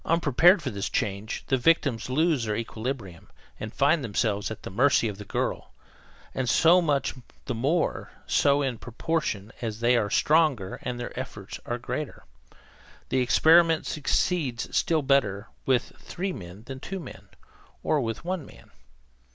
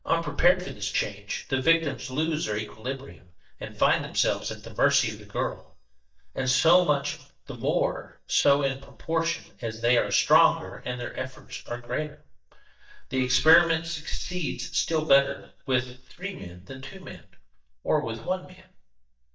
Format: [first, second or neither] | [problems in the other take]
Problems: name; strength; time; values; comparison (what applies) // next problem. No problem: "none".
first | noise reduction (neural mask model DeepFilterNet 3)